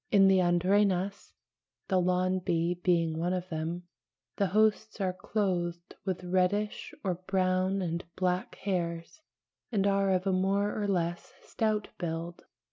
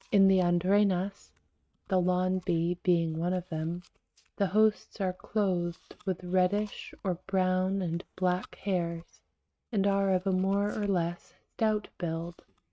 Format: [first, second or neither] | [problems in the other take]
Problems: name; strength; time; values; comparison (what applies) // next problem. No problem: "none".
first | noise reduction (neural mask model RNNoise)